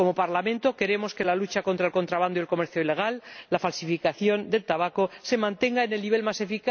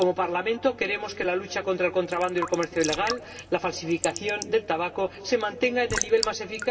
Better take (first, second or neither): first